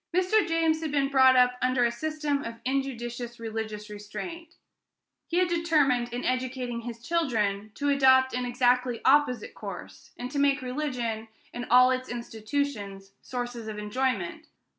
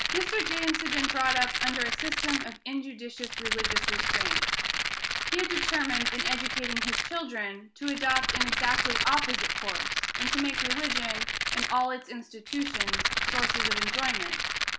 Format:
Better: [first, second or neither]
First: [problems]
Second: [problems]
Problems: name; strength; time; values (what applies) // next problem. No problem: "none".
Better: first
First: none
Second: background sound (Rattle); 3 dB above the speech